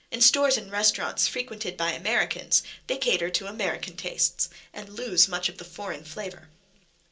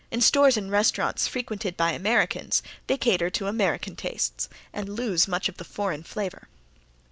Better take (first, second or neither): second